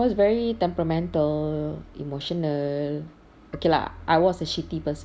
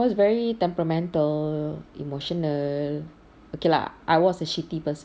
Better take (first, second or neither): second